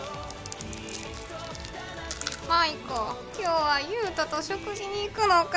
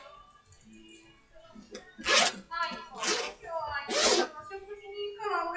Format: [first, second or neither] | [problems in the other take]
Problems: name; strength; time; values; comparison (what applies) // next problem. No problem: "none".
first | noise reduction (classical method WPE with log-MMSE)